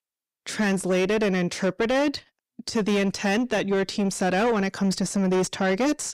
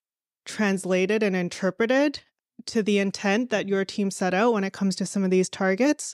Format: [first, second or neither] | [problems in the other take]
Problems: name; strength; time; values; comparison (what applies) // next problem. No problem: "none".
second | distortion; slight; 10 dB below the speech